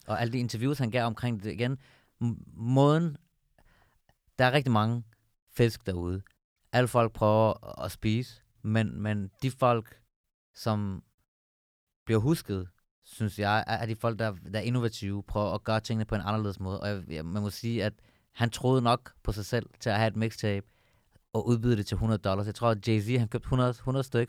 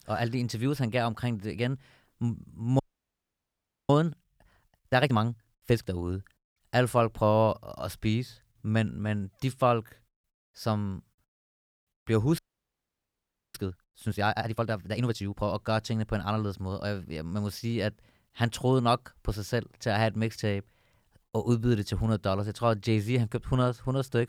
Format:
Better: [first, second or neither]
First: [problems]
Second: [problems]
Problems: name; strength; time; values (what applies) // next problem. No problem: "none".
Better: first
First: none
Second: audio freezing; at 3 s for 1 s and at 12 s for 1 s